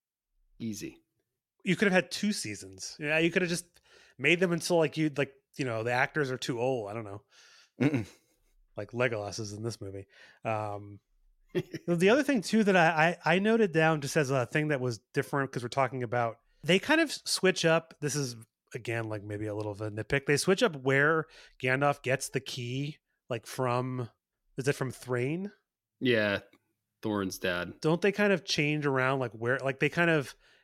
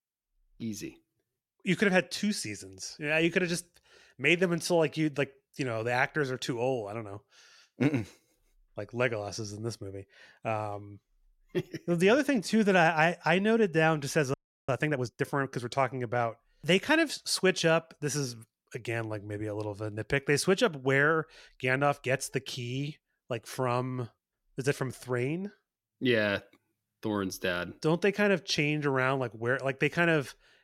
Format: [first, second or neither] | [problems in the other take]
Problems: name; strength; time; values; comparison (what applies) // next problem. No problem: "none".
first | audio freezing; at 14 s